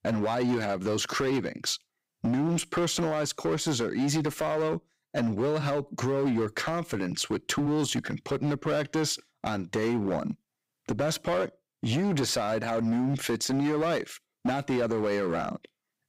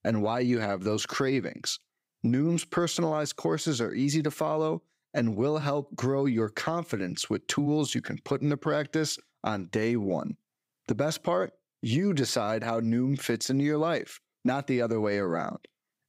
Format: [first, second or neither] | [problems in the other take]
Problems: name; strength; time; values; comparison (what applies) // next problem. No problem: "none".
second | distortion; slight; 14% of the sound clipped